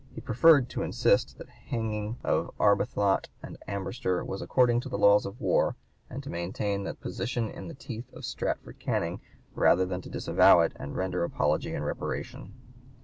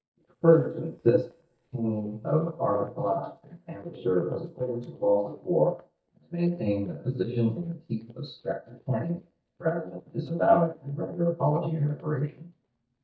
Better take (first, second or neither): first